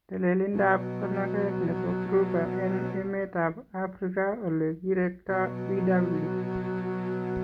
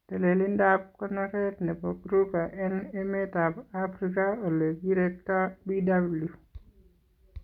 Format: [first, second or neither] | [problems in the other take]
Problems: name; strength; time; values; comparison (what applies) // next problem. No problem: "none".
second | background sound (Bowed string instrument); 4 dB below the speech